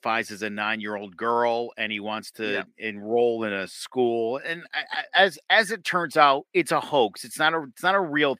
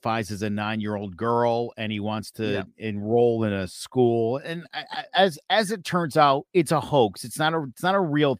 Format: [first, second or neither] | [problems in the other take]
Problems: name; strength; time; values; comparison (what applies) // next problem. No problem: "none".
second | thin; somewhat; fading below 250 Hz